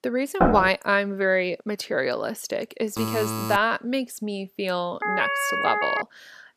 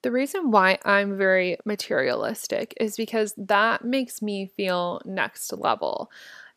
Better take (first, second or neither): second